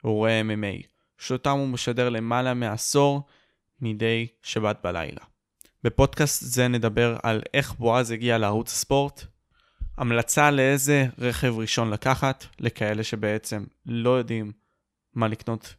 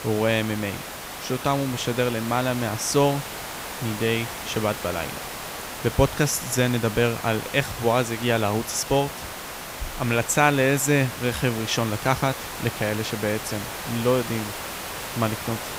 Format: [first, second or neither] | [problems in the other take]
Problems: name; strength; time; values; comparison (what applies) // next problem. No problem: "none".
first | hiss; loud; throughout; 8 dB below the speech